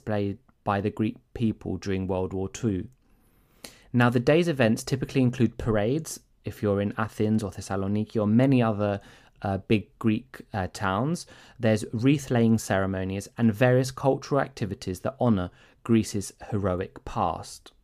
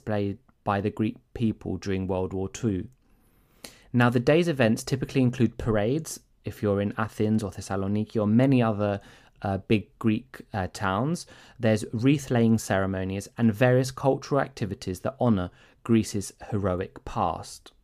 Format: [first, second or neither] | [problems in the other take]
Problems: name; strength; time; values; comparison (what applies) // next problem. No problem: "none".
neither | none